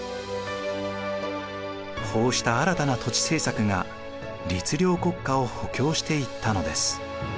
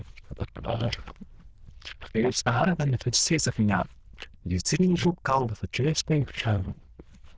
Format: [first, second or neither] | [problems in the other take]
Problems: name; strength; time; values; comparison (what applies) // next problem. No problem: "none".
first | noise reduction (neural diffusion model UNIVERSE++)